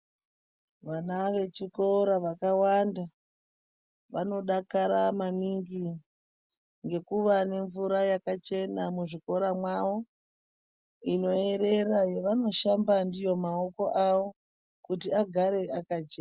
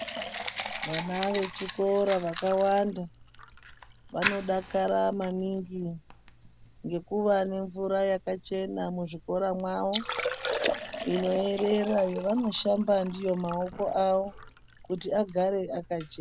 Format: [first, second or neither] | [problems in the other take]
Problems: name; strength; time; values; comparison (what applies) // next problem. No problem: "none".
first | background sound (Liquid + Fire); 10 dB below the speech